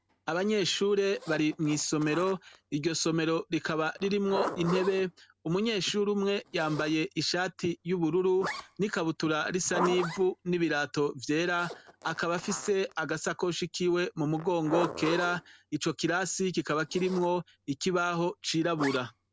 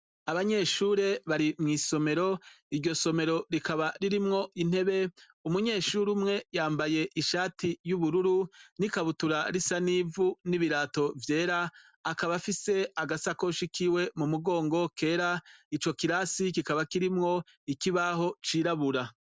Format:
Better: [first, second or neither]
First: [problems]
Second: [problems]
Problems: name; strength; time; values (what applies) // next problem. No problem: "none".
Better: second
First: background sound (Zipper (clothing)); 12 dB below the speech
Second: none